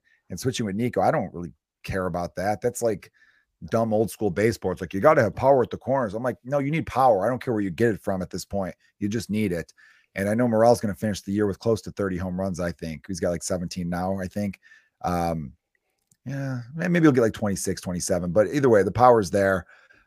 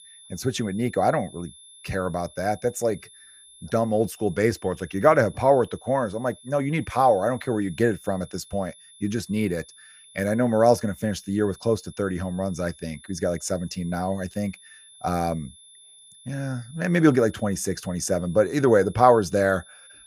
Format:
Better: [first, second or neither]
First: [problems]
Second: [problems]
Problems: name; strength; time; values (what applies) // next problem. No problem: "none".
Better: first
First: none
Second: high-pitched whine; faint; throughout; 10.5 kHz, 25 dB below the speech